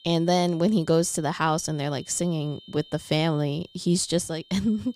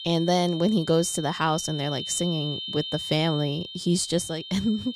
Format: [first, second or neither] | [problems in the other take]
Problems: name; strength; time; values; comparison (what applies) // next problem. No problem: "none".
first | high-pitched whine; loud; throughout; 3 kHz, 8 dB below the speech; faint in the first